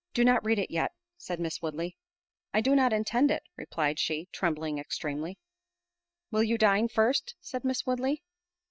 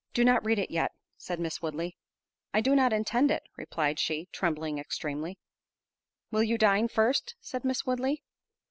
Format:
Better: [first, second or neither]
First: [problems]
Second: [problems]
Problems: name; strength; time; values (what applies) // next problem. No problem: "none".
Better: second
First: noise reduction (neural mask model DeepFilterNet 3)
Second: none